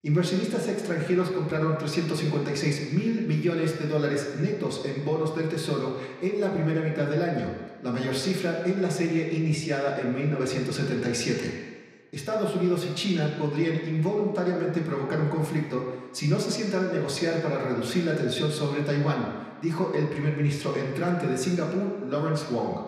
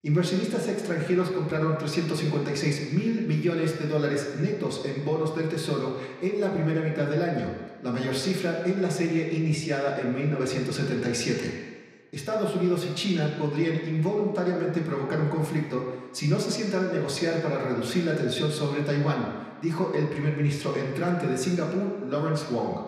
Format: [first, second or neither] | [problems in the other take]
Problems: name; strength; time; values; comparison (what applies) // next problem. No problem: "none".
neither | room echo; noticeable; dies away in 1.5 s; the same in both // off-mic speech; somewhat distant; the same in both